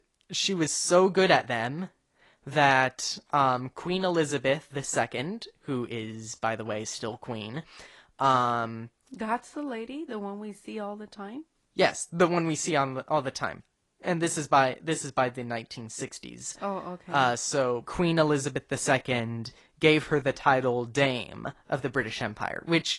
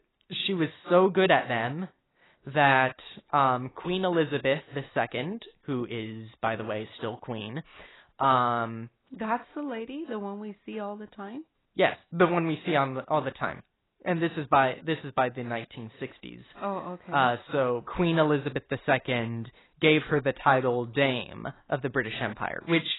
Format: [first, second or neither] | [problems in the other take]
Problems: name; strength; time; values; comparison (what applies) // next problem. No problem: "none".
first | garbled, watery; badly; nothing above 4 kHz; slightly in the first